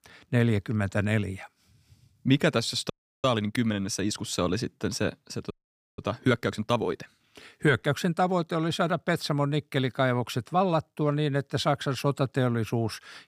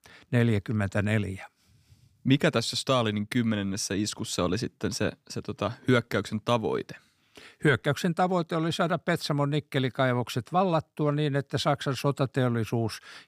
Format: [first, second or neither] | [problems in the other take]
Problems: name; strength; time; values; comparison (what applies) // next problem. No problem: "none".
second | audio freezing; at 3 s and at 5.5 s